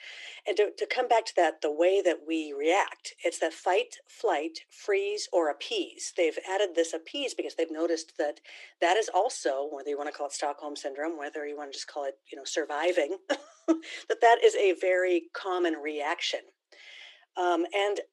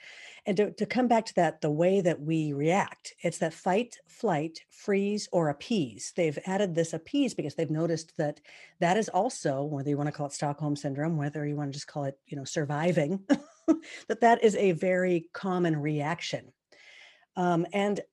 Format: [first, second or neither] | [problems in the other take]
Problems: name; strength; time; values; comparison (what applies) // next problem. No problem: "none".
second | thin; very; fading below 350 Hz